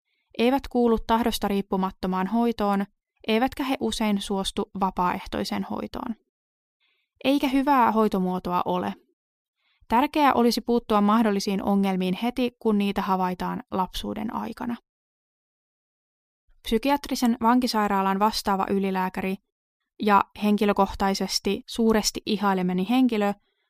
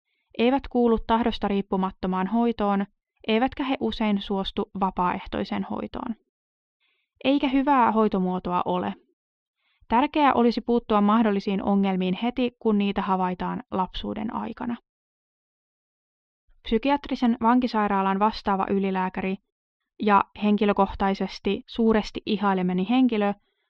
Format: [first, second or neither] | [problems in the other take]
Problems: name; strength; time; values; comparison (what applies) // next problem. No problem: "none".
first | muffled; slightly; fading above 3.5 kHz